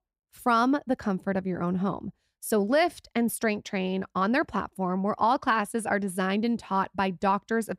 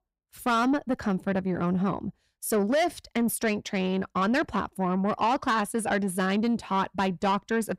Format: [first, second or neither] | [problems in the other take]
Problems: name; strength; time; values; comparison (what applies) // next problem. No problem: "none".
first | distortion; slight; 10 dB below the speech